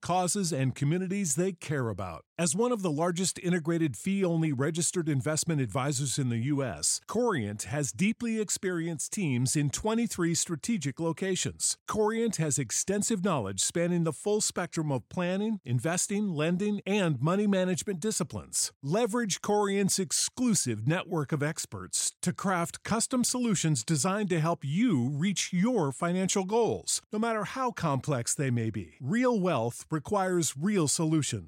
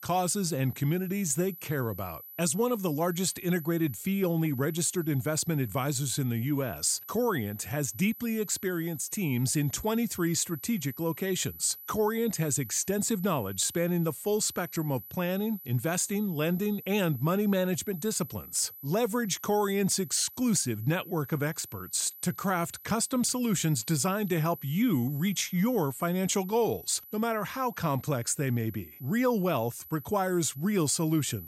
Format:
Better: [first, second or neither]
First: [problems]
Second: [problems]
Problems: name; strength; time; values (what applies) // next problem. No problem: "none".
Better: first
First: none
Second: high-pitched whine; noticeable; throughout; 12 kHz, 15 dB below the speech